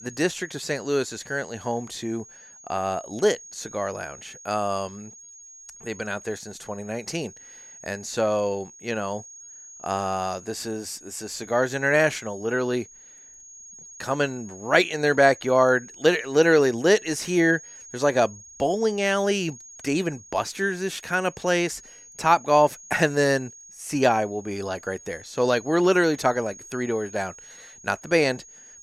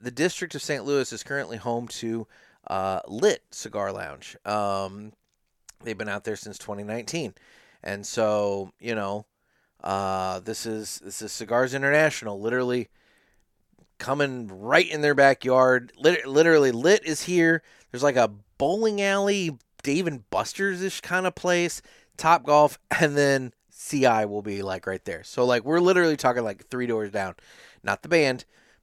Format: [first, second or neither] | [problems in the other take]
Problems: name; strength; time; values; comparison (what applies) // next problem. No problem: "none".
second | high-pitched whine; noticeable; throughout; 6.5 kHz, 20 dB below the speech